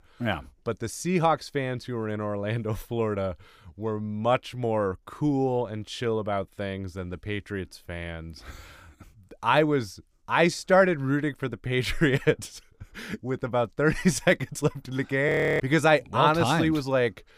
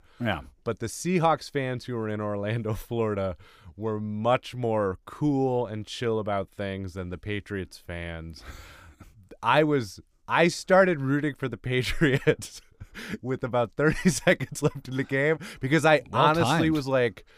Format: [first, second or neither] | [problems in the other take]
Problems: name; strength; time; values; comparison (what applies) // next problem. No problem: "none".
second | audio freezing; at 15 s